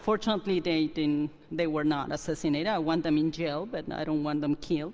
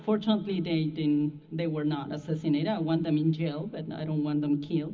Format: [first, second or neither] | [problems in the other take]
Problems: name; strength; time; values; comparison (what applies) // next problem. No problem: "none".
first | room echo; dies away in 0.4 s